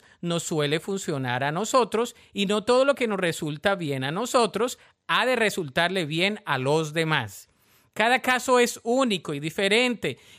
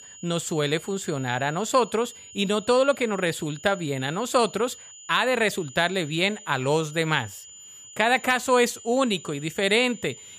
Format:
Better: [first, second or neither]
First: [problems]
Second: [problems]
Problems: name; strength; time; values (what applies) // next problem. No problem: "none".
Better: first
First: none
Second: high-pitched whine; noticeable; throughout; 7 kHz, 20 dB below the speech